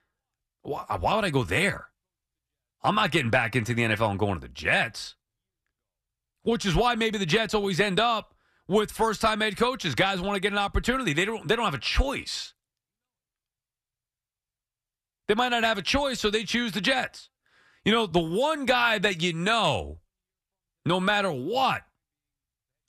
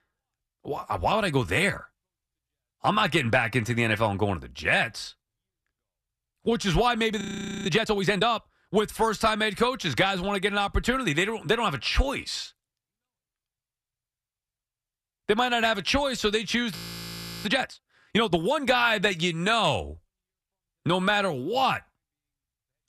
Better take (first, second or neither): first